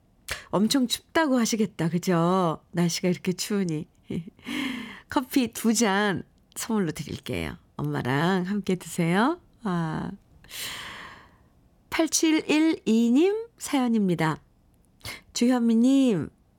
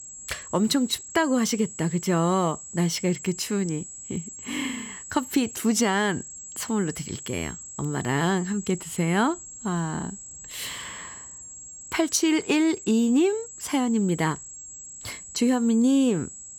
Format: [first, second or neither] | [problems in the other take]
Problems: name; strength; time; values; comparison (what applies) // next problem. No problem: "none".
first | high-pitched whine; noticeable; throughout; 7.5 kHz, 15 dB below the speech